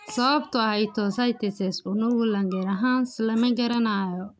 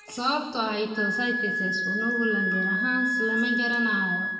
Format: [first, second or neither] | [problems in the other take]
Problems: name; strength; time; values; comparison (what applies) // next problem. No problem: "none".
first | background sound (Wind instrument, woodwind instrument); 1 dB above the speech // room echo; dies away in 1.2 s